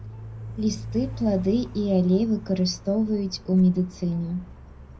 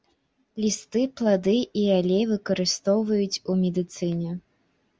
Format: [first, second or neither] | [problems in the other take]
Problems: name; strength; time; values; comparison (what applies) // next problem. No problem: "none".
second | background sound (Car); 14 dB below the speech // room echo; dies away in 0.4 s